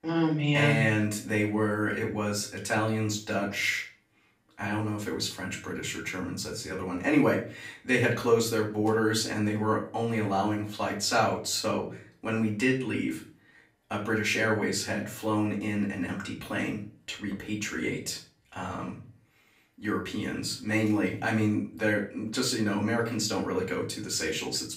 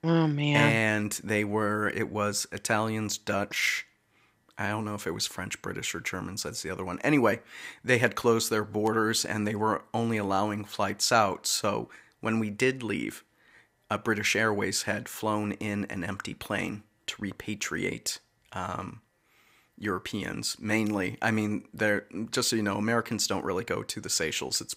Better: second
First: off-mic speech; far // room echo; slight; dies away in 0.4 s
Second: none

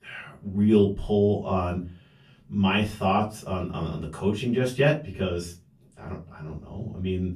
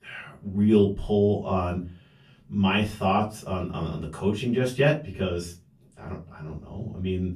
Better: neither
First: off-mic speech; far // room echo; slight; dies away in 0.2 s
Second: off-mic speech; far // room echo; slight; dies away in 0.2 s

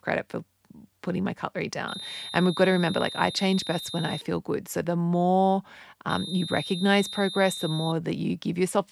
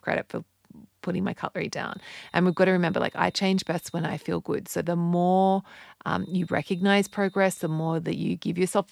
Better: second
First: high-pitched whine; loud; from 2 to 4 s and from 6 to 8 s; 3.5 kHz, 8 dB below the speech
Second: high-pitched whine; faint; from 2 to 4 s and from 6 to 8 s; 3.5 kHz, 30 dB below the speech

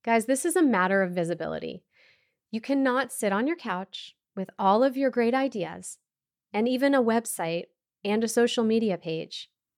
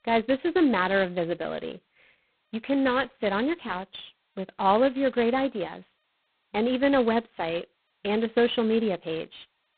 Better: first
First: none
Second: phone-call audio; poor line; nothing above 4 kHz

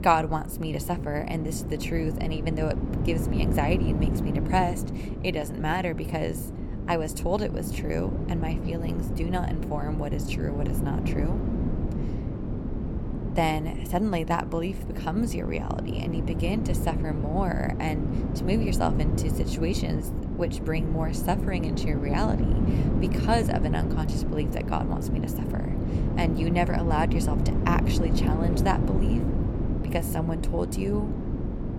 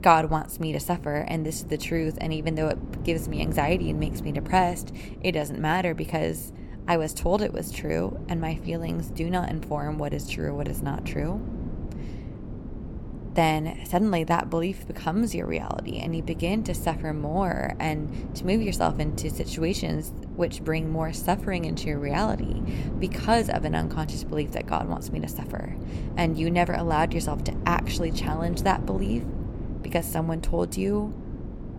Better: second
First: wind noise on the microphone; heavy; 5 dB below the speech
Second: wind noise on the microphone; occasional gusts; 15 dB below the speech

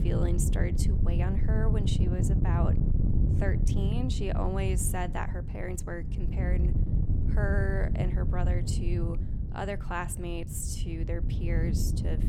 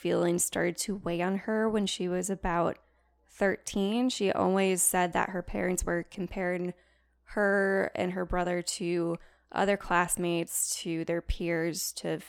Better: second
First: wind noise on the microphone; heavy; 5 dB below the speech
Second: none

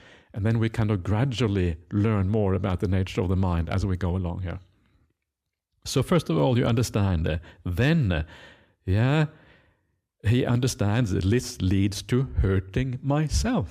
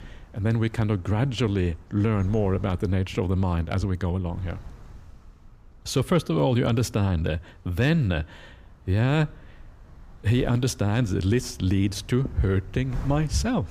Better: first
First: none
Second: wind noise on the microphone; occasional gusts; 25 dB below the speech

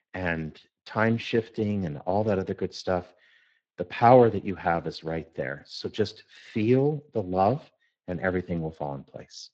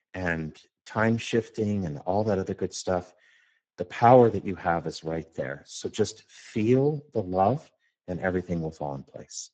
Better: first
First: garbled, watery; slightly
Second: garbled, watery; badly; nothing above 7.5 kHz

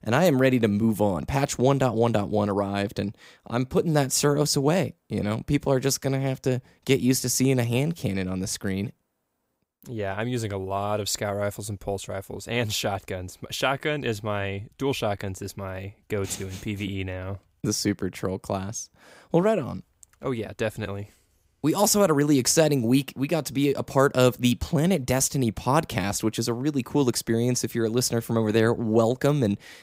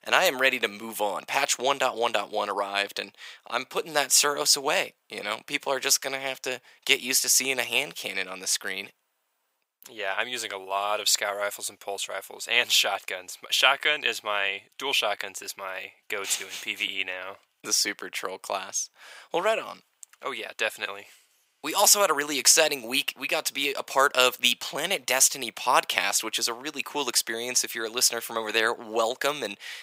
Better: first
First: none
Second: thin; very; fading below 850 Hz

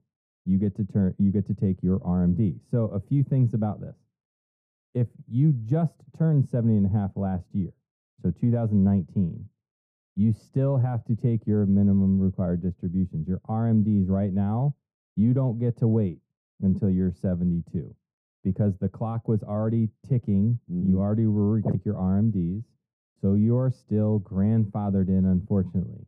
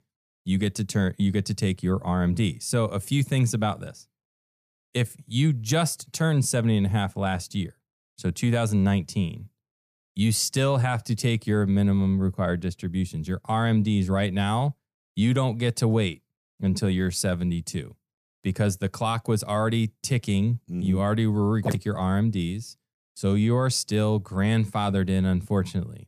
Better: second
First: muffled; very; fading above 1.5 kHz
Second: none

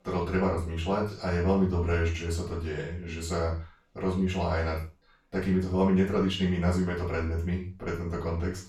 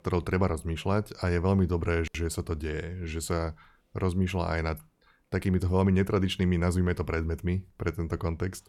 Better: second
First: room echo; noticeable; dies away in 0.3 s // off-mic speech; far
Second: none

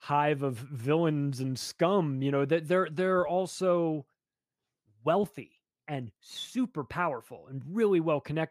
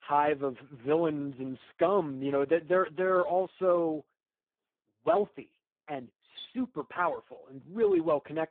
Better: first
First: none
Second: phone-call audio; poor line; nothing above 3.5 kHz

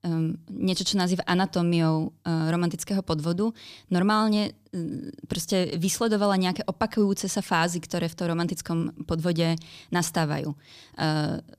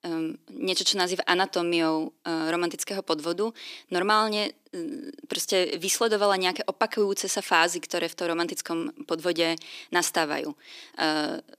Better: first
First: none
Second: thin; somewhat; fading below 300 Hz

